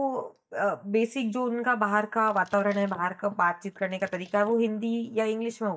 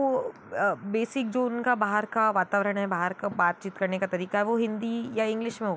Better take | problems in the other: second | noise reduction (neural mask model DeepFilterNet 3)

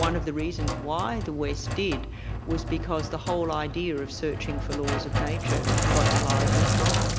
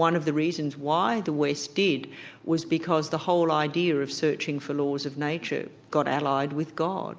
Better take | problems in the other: second | background sound (Sink (filling or washing)); 3 dB above the speech

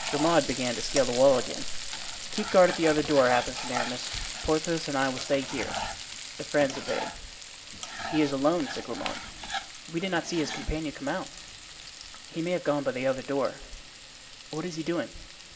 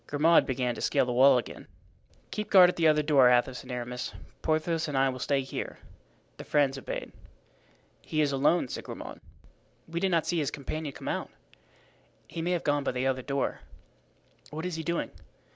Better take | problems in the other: second | background sound (Frying (food)); 8 dB below the speech // room echo; dies away in 2.4 s

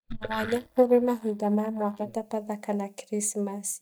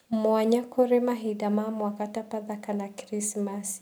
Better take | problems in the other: second | noise reduction (neural mask model DeepFilterNet 3)

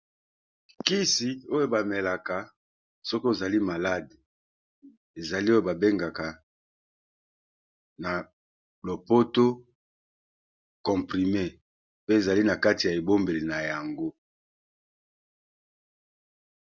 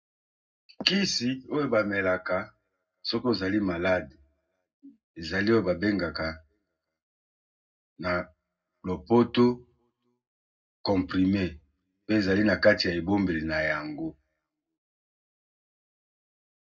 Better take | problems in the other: first | room echo; dies away in 0.3 s

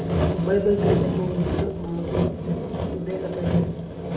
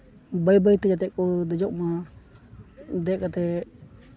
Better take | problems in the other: second | background sound (Sawing); 2 dB above the speech // room echo; dies away in 0.8 s

